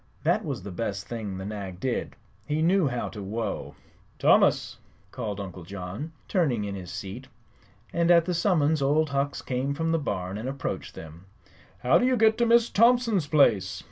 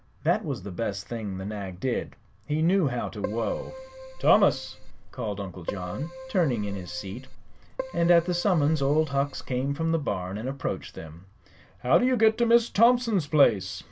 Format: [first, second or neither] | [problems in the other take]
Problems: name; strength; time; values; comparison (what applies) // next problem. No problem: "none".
first | background sound (Keyboard (musical)); 11 dB below the speech